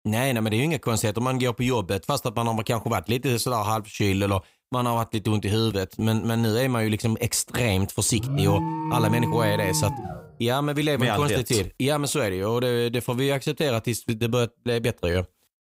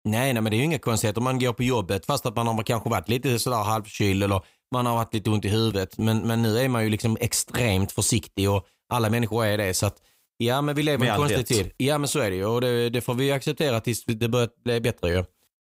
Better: second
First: alarm; noticeable; from 8 to 10 s; peak 1 dB below the speech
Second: none

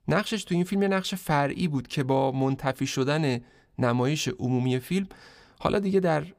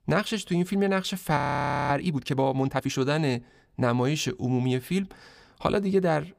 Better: first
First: none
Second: audio freezing; at 1.5 s for 0.5 s

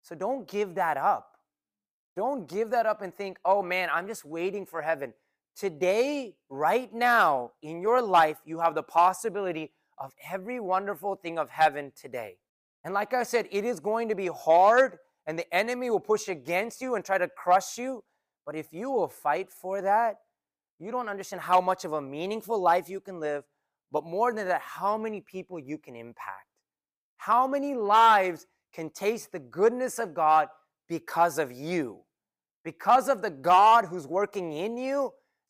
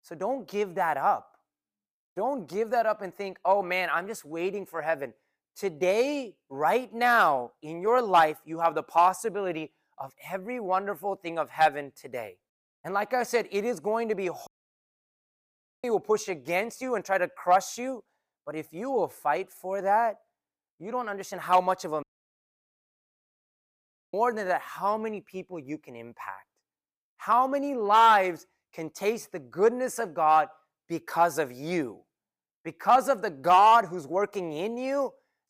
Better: first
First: none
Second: audio cutting out; at 14 s for 1.5 s and at 22 s for 2 s

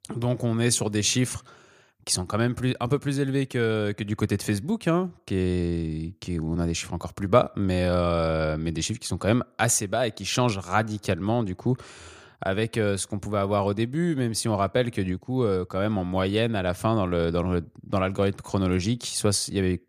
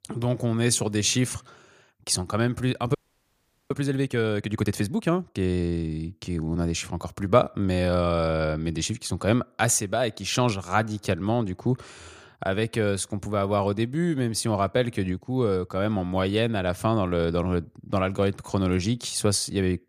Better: first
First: none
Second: audio freezing; at 3 s for 1 s

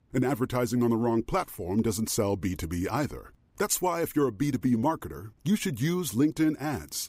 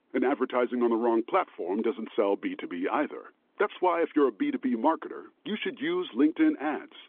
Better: first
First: none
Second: phone-call audio; nothing above 3.5 kHz

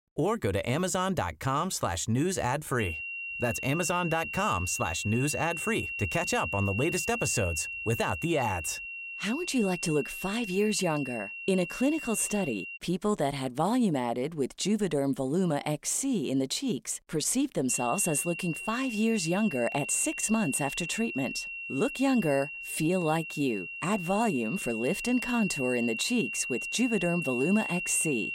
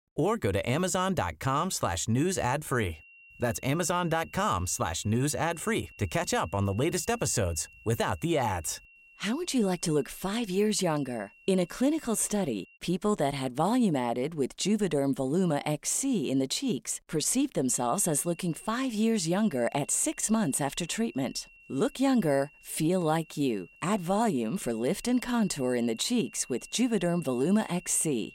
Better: second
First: high-pitched whine; loud; from 3 to 13 s and from 18 s on; 2.5 kHz, 6 dB below the speech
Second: high-pitched whine; faint; from 3 to 13 s and from 18 s on; 2.5 kHz, 25 dB below the speech

